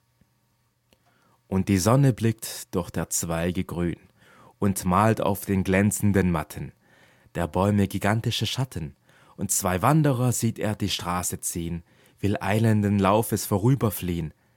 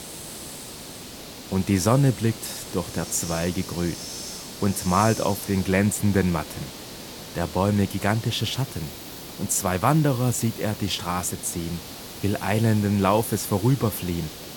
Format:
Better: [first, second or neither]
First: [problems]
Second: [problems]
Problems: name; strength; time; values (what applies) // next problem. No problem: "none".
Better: first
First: none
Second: hiss; noticeable; throughout; 10 dB below the speech